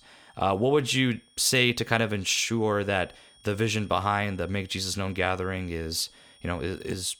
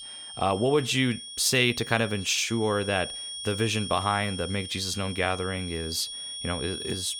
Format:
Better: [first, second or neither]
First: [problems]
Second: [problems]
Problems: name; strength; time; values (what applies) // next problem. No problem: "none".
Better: first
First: high-pitched whine; faint; throughout; 3.5 kHz, 30 dB below the speech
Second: high-pitched whine; loud; throughout; 3.5 kHz, 9 dB below the speech